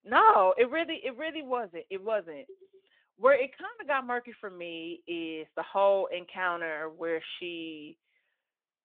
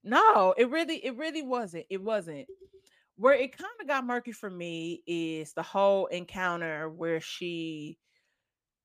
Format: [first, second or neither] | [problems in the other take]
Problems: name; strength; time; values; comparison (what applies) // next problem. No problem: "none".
second | phone-call audio